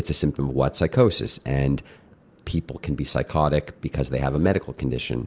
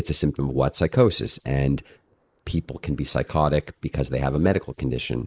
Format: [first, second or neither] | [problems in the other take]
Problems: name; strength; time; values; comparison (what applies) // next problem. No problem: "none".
first | noise reduction (neural mask model Resemble Enhance denoiser)